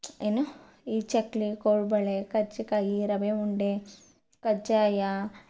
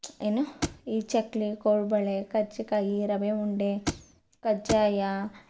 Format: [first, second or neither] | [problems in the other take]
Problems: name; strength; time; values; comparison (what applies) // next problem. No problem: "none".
first | background sound (Thump, thud); 7 dB below the speech